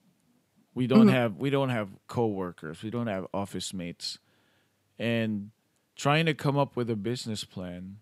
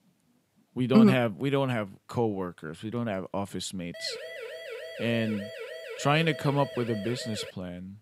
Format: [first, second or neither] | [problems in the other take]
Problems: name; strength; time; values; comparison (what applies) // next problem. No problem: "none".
first | siren; faint; from 4 to 7.5 s; peak 10 dB below the speech